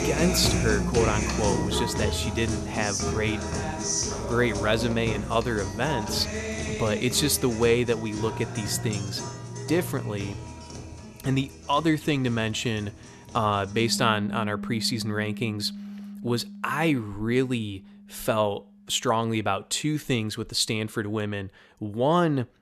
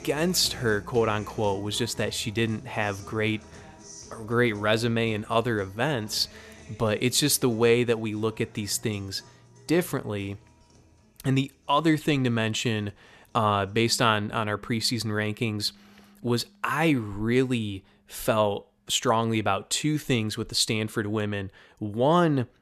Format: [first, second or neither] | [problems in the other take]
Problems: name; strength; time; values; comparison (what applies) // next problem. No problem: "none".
second | background music; loud; throughout; 4 dB below the speech; faint in the second